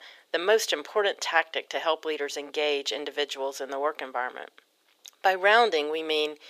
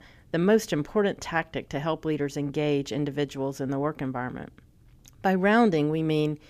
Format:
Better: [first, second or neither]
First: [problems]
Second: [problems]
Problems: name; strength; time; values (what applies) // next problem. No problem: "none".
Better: second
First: thin; very; fading below 450 Hz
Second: none